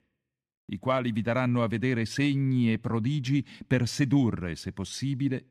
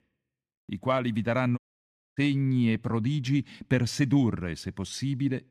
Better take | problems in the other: first | audio cutting out; at 1.5 s for 0.5 s

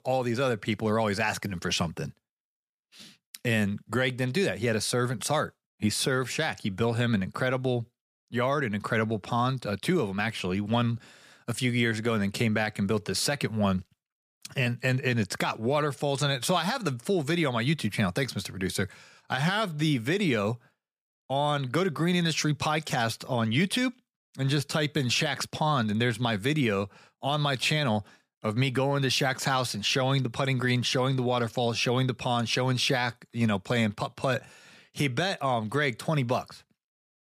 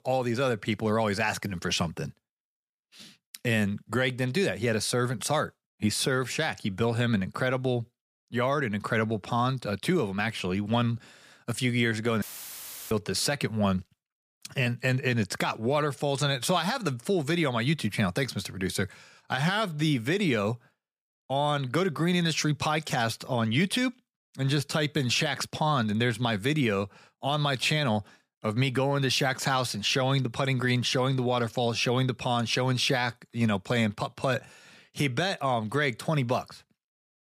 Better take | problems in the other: first | audio cutting out; filled with static; at 12 s for 0.5 s

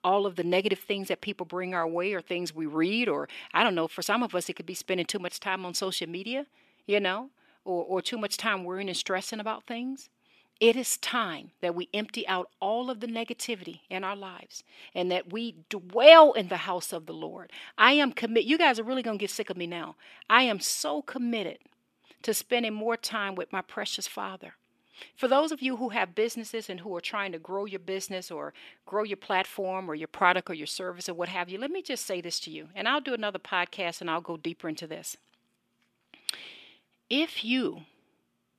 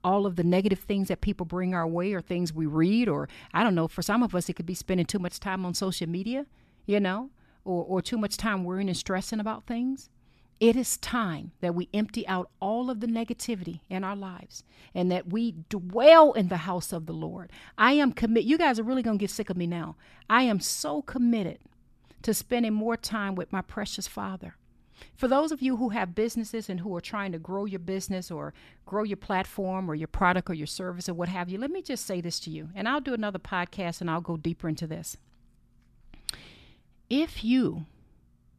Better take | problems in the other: second | thin; somewhat; fading below 400 Hz

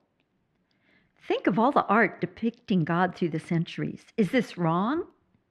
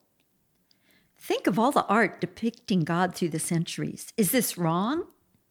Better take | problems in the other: second | muffled; slightly; fading above 2.5 kHz

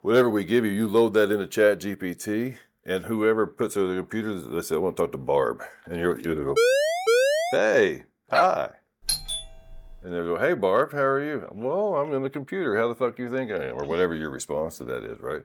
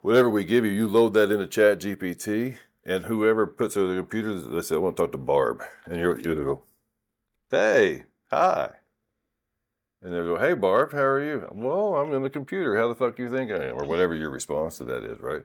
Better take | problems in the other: second | siren; loud; from 6.5 to 7.5 s; peak 5 dB above the speech // dog barking; loud; at 8.5 s; peak level with the speech // doorbell; noticeable; at 9 s; peak 1 dB below the speech

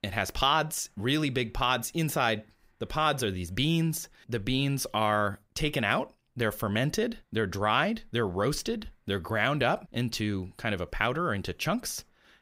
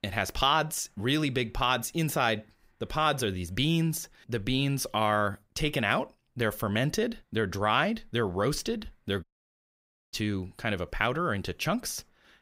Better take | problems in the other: first | audio cutting out; at 9 s for 1 s

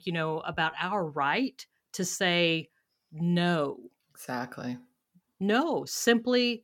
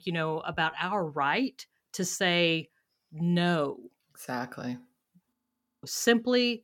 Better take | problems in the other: first | audio freezing; at 5.5 s for 0.5 s

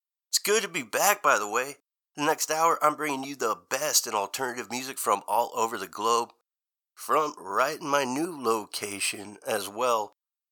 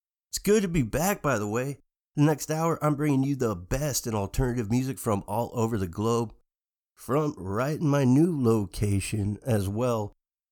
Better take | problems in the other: second | thin; very; fading below 650 Hz

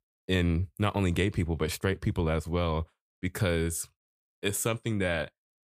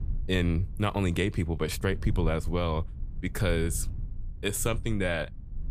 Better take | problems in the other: first | low rumble; faint; throughout; 25 dB below the speech

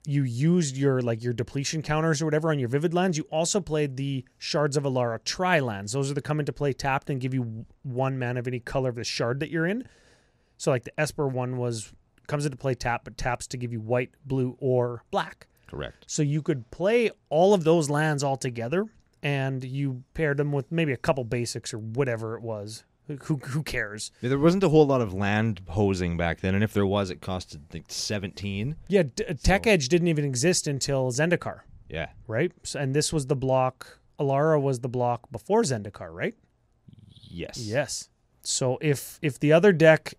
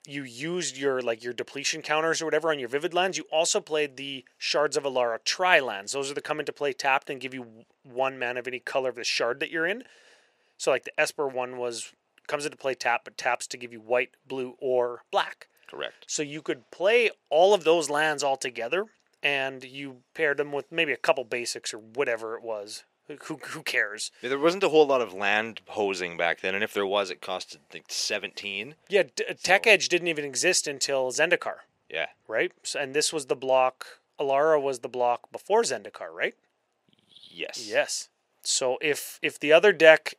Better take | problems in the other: first | thin; very; fading below 500 Hz

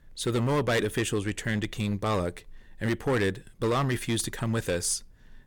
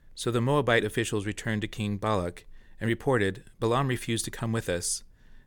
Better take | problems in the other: second | distortion; slight; 8% of the sound clipped

